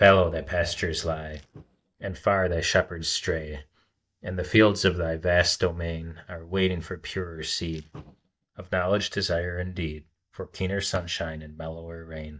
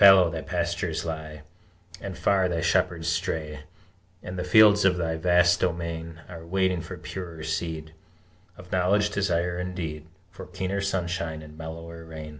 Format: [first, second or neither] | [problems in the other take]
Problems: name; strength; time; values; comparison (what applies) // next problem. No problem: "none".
second | noise reduction (neural mask model DeepFilterNet 3)